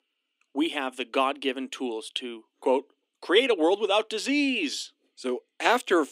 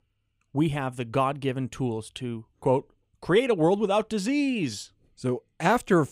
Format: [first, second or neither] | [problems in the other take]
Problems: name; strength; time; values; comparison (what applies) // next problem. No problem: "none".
second | thin; very slightly; fading below 250 Hz